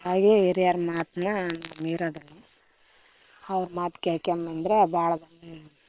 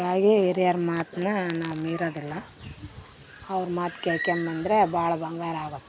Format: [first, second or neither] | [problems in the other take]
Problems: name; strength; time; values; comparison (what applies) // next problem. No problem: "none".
second | noise reduction (neural separator model SepFormer WHAM!)